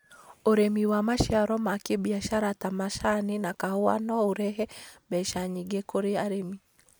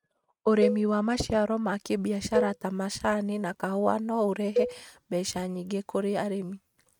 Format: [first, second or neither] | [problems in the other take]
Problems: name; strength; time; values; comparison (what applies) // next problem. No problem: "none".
first | noise reduction (neural mask model RNNoise)